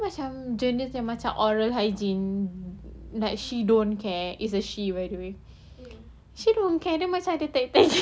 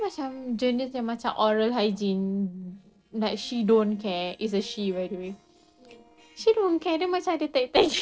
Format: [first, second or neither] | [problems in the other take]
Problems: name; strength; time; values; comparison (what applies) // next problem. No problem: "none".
first | noise reduction (neural separator model SepFormer DNS4)